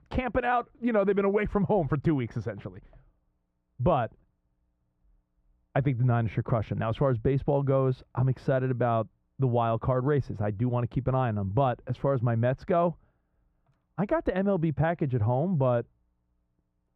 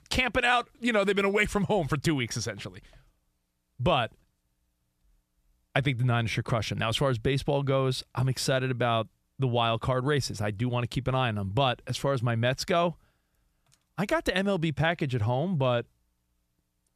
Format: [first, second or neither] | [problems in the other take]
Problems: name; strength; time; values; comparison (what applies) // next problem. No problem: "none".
second | muffled; very; fading above 3 kHz